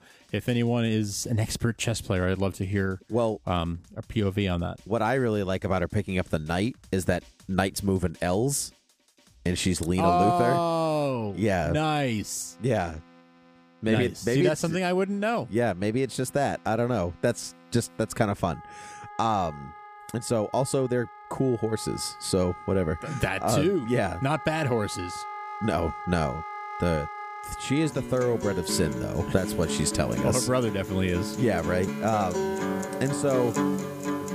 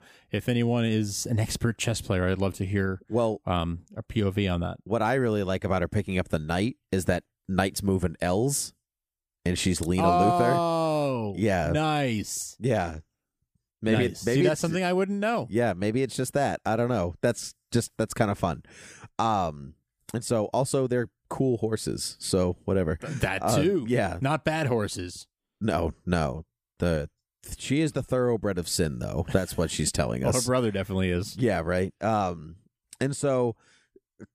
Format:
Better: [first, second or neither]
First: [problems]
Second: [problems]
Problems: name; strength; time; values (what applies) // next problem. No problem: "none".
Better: second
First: background music; loud; throughout; 8 dB below the speech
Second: none